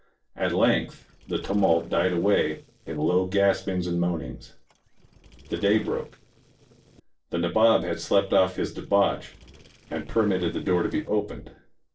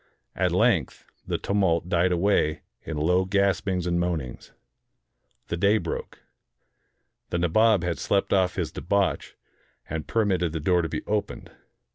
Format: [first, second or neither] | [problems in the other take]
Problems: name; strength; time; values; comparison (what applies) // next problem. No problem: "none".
second | noise reduction (neural separator model SepFormer DNS4)